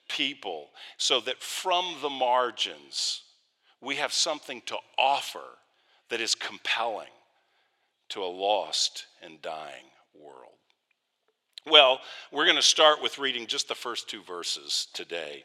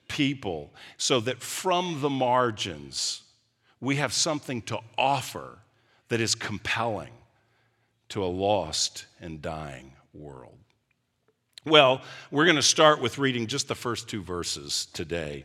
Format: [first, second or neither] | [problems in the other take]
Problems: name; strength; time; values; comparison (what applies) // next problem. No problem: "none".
second | thin; somewhat; fading below 500 Hz